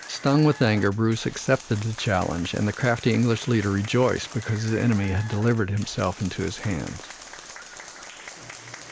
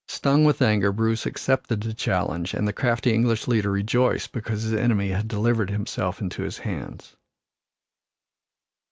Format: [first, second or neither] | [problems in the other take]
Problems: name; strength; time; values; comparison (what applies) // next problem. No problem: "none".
second | background sound (Applause); 17 dB below the speech